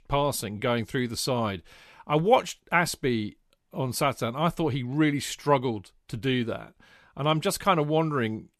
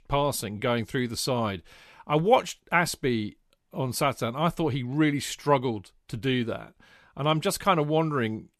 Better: neither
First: none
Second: none

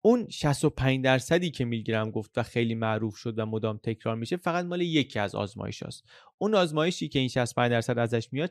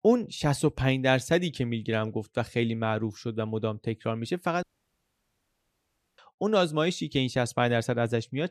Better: first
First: none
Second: audio cutting out; at 4.5 s for 1.5 s

